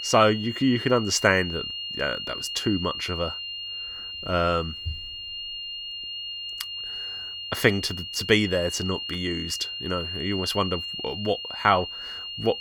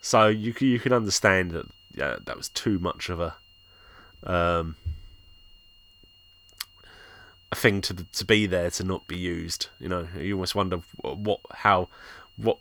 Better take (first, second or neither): second